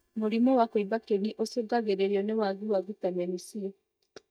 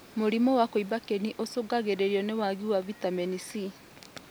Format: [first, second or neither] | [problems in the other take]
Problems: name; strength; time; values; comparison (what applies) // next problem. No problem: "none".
second | noise reduction (neural mask model DeepFilterNet 3)